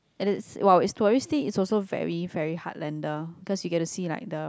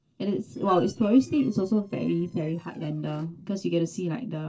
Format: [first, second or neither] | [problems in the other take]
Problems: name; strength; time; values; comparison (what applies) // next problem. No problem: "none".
first | noise reduction (neural separator model SepFormer DNS4)